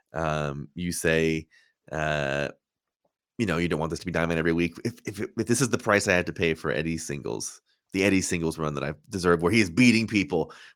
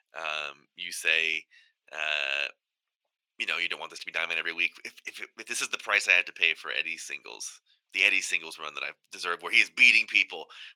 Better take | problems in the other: first | thin; very; fading below 800 Hz

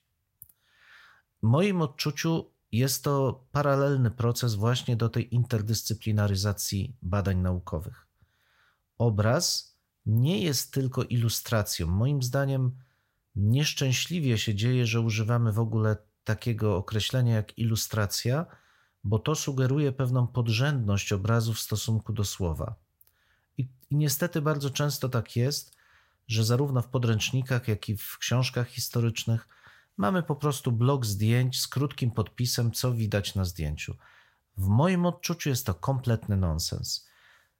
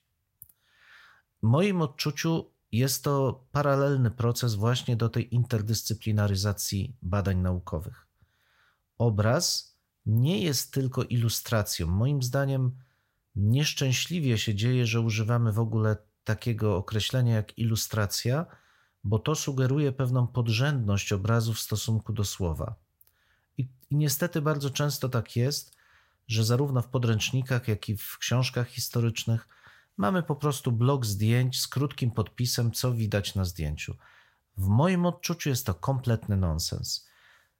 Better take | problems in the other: neither | none

